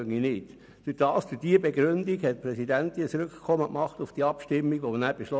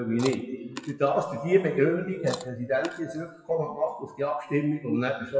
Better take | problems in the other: first | noise reduction (classical method WPE with log-MMSE)

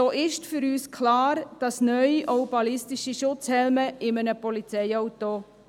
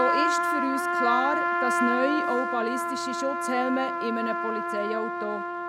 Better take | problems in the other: first | background sound (Trumpet); 2 dB above the speech

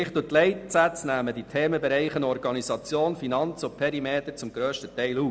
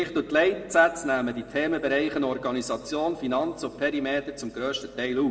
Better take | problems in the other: first | room echo; dies away in 1.1 s

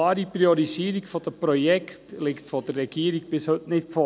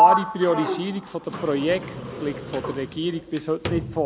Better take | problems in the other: first | background sound (Sliding door); as loud as the speech

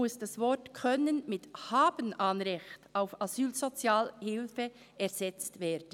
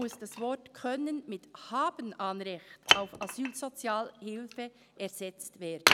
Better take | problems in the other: first | background sound (Wood); 2 dB above the speech

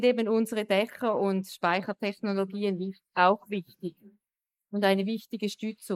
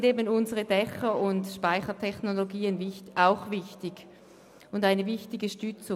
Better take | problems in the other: second | noise reduction (neural mask model Resemble Enhance denoiser)

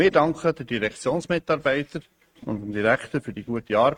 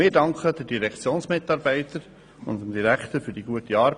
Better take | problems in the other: second | noise reduction (neural mask model RNNoise)

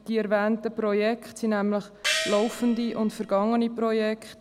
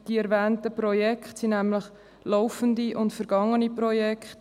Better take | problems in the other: second | background sound (Gong); 6 dB below the speech

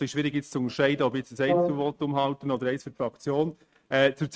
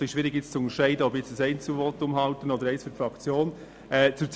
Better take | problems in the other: second | noise reduction (neural mask model RNNoise)

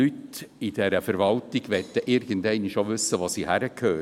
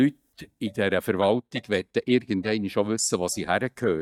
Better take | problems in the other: first | noise reduction (neural mask model DeepFilterNet 3)

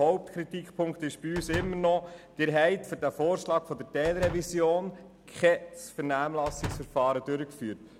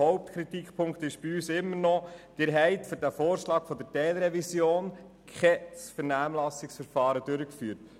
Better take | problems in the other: second | background sound (Slam); 14 dB below the speech

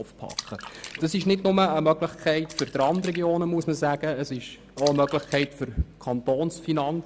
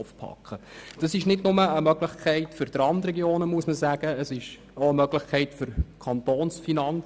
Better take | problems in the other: second | background sound (Splash, splatter); 17 dB below the speech

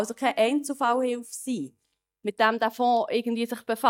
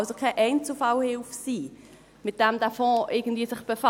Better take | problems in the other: second | noise reduction (neural mask model DeepFilterNet 3)

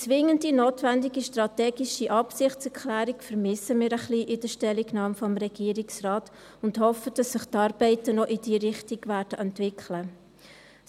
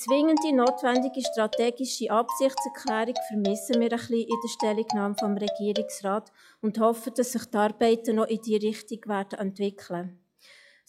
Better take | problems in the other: first | noise reduction (classical method log-MMSE)

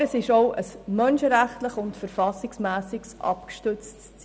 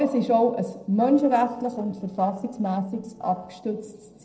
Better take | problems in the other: first | noise reduction (neural separator model SepFormer DNS4)

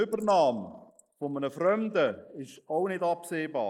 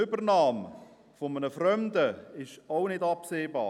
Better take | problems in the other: second | noise reduction (neural mask model Resemble Enhance denoiser)

